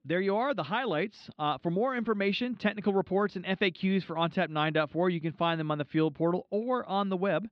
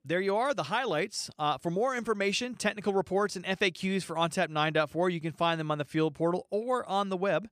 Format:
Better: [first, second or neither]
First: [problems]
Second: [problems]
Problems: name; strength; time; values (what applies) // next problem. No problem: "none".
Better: second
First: muffled; slightly; fading above 4 kHz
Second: none